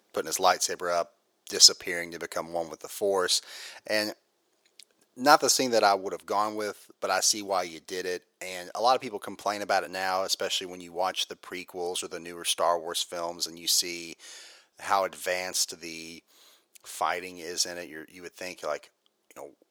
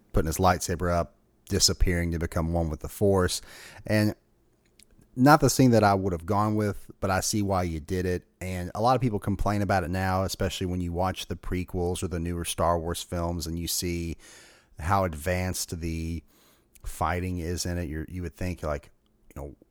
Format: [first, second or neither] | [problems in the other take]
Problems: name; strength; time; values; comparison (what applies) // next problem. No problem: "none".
second | thin; very; fading below 500 Hz